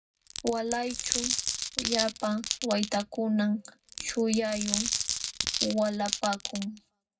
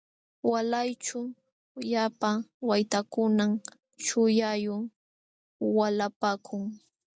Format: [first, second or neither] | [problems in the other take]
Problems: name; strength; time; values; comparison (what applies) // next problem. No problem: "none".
second | background sound (Glass); 3 dB below the speech // room echo; dies away in 0.3 s